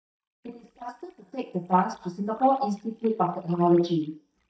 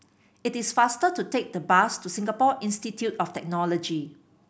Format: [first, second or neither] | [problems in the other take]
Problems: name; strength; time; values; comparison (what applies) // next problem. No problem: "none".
second | noise reduction (neural mask model DeepFilterNet 3)